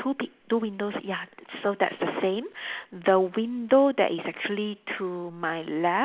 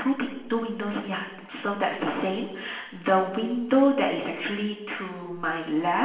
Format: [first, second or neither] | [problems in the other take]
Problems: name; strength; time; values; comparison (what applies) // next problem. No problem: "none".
first | room echo; dies away in 0.9 s